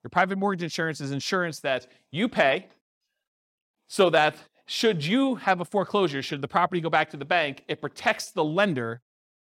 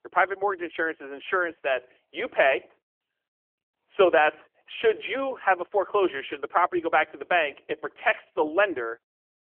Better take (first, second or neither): first